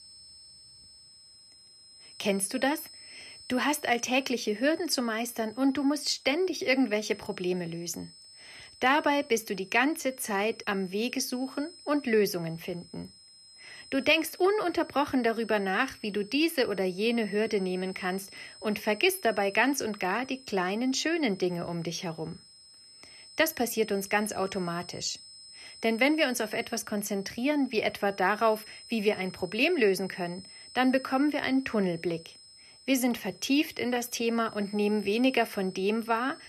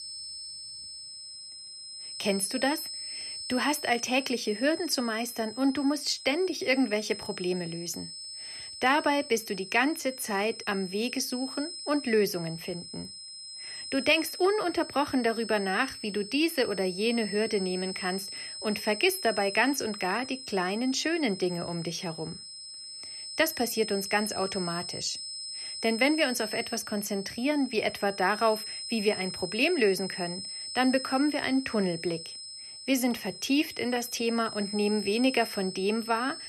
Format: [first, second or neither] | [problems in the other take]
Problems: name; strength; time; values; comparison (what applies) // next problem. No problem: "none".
first | high-pitched whine; loud; throughout; 5 kHz, 9 dB below the speech; faint in the first